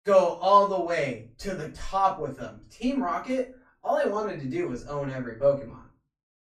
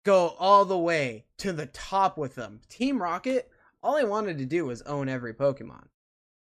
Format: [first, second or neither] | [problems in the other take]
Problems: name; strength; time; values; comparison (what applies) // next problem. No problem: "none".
second | off-mic speech; far // room echo; slight; dies away in 0.3 s